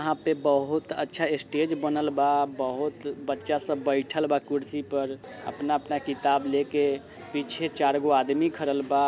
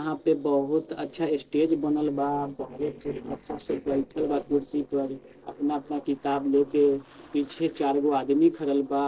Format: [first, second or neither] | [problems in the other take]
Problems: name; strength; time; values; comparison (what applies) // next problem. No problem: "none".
first | noise reduction (neural separator model SepFormer DNS4)